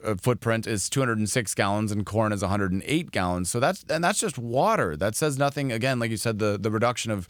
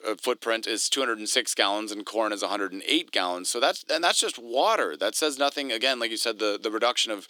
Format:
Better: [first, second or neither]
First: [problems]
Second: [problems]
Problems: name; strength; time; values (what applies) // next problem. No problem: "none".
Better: first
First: none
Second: thin; somewhat; fading below 300 Hz